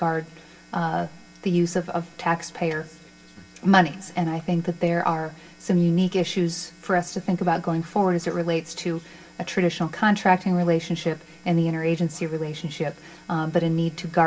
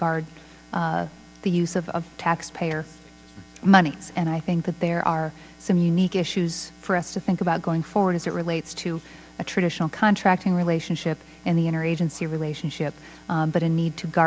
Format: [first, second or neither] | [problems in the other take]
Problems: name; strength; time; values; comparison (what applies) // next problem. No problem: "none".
second | room echo; dies away in 0.2 s